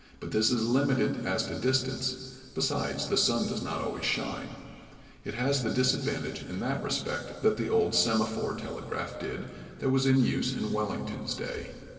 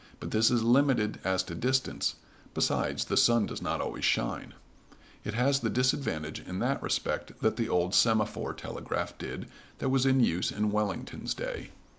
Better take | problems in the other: second | room echo; dies away in 2.3 s

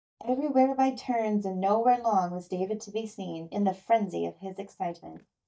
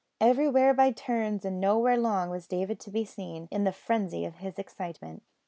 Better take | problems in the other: second | noise reduction (neural mask model DeepFilterNet 3)

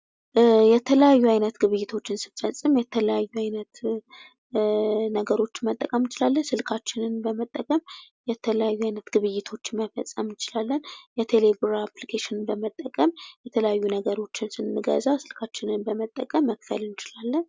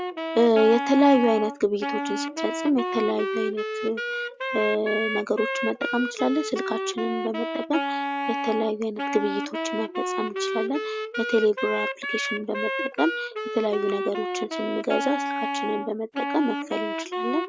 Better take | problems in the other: first | background sound (Wind instrument, woodwind instrument); 3 dB below the speech

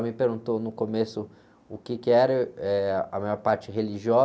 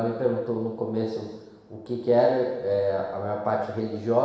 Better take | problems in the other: first | room echo; dies away in 1.1 s

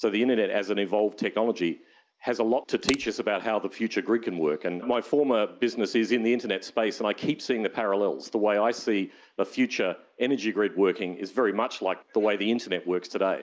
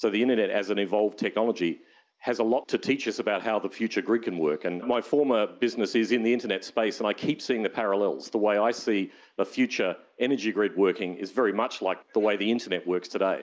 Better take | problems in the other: second | background sound (Crack); 9 dB below the speech

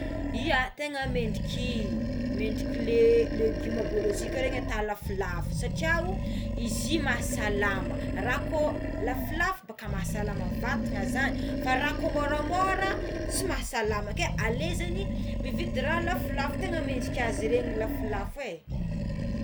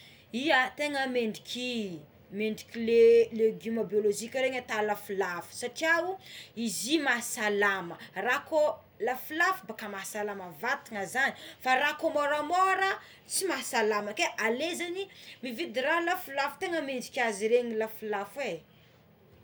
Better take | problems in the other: second | background sound (Animal); as loud as the speech

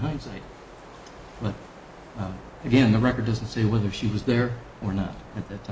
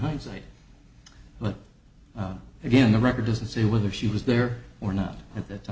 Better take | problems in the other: second | background sound (Wind); 19 dB below the speech

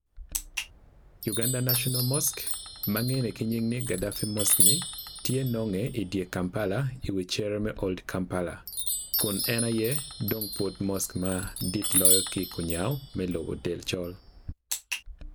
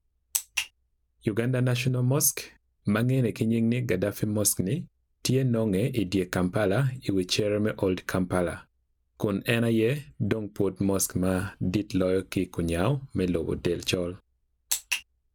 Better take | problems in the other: second | background sound (Chime); 1 dB below the speech

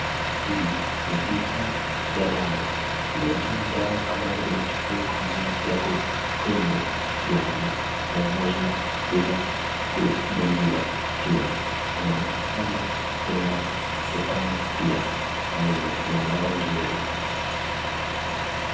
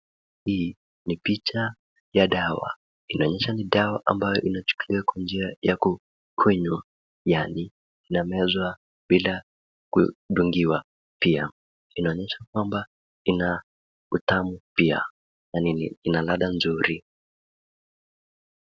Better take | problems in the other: second | background sound (Truck); 2 dB above the speech // room echo; dies away in 0.8 s

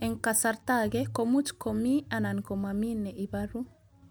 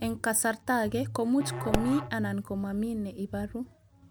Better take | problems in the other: first | background sound (Musical instrument + Explosion); 7 dB below the speech

